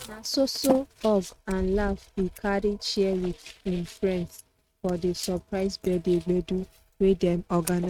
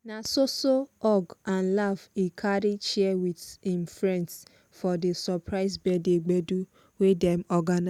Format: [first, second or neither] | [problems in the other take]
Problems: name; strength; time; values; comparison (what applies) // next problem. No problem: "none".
second | noise reduction (neural mask model RNNoise)